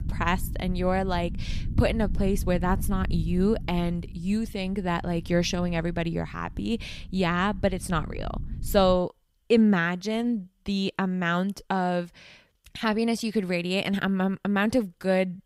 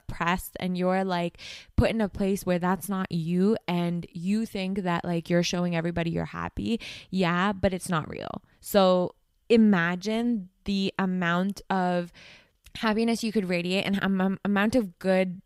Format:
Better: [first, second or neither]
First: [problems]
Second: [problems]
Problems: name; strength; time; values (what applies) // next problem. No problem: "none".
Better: second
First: low rumble; faint; until 9 s; 20 dB below the speech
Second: none